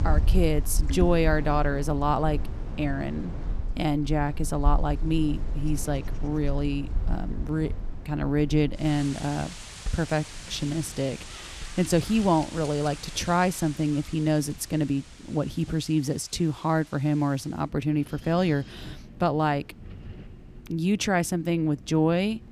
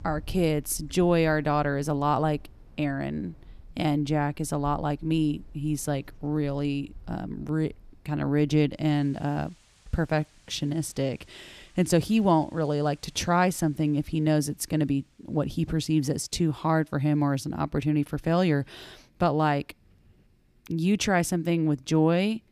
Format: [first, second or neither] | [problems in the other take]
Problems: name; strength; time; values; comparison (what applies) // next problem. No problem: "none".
second | wind in the background; loud; throughout; 8 dB below the speech; faint in the second